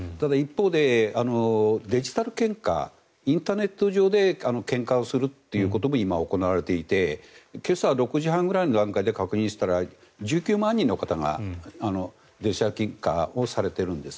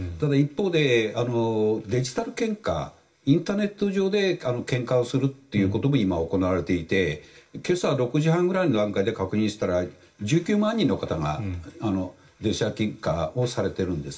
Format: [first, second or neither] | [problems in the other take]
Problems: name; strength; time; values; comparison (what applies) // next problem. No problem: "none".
first | room echo; dies away in 0.2 s